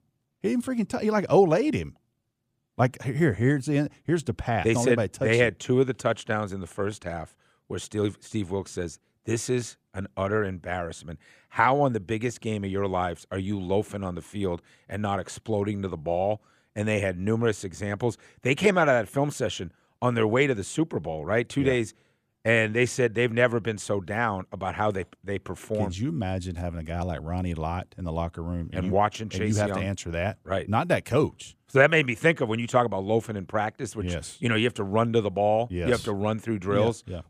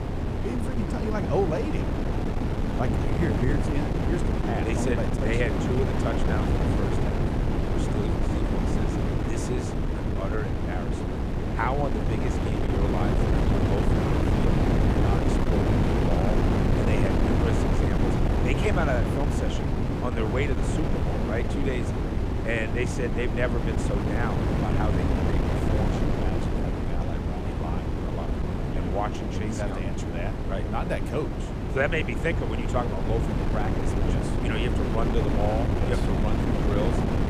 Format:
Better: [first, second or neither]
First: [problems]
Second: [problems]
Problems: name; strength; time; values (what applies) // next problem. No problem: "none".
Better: first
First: none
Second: wind noise on the microphone; heavy; 1 dB above the speech